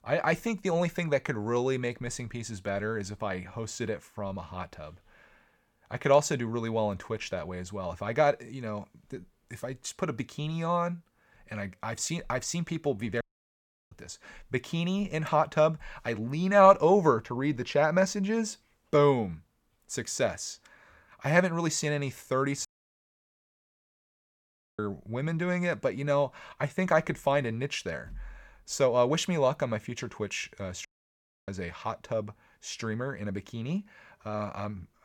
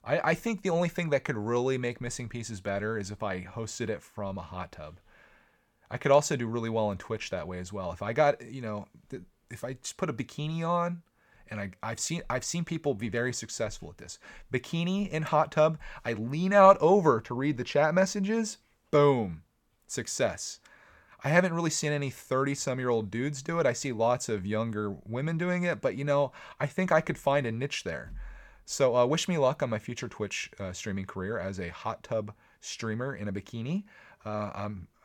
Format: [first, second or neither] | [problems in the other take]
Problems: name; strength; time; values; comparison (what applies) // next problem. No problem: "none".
second | audio cutting out; at 13 s for 0.5 s, at 23 s for 2 s and at 31 s for 0.5 s